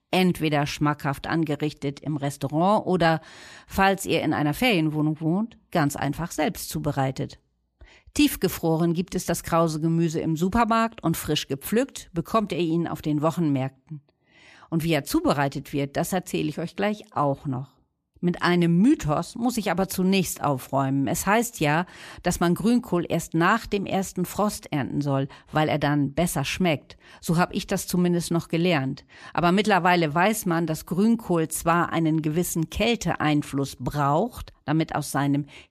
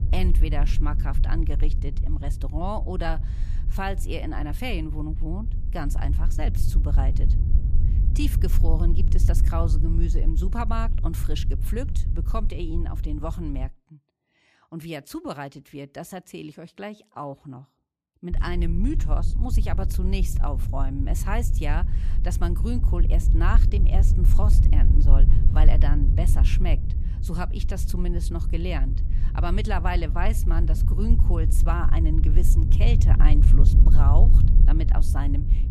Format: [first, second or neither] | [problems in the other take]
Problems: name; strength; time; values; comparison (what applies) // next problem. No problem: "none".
first | low rumble; loud; until 14 s and from 18 s on; 7 dB below the speech